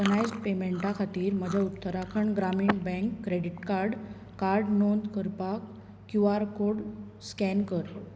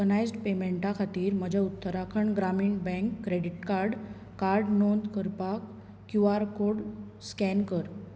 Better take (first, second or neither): second